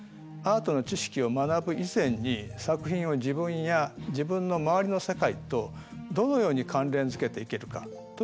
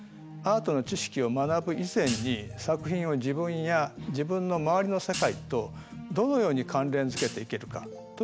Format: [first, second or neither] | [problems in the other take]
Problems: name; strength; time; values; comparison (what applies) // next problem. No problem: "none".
first | background sound (Hi-hat); 12 dB below the speech